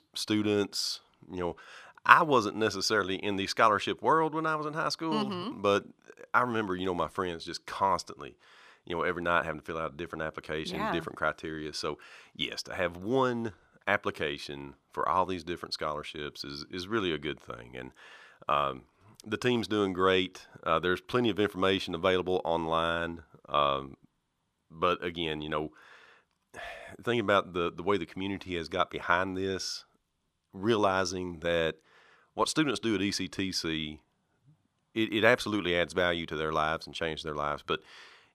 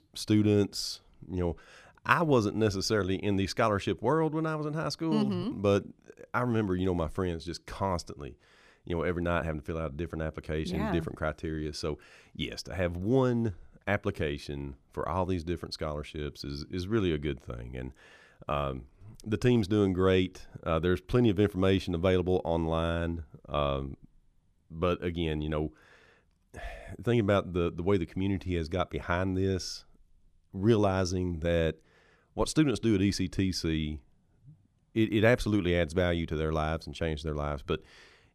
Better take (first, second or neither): second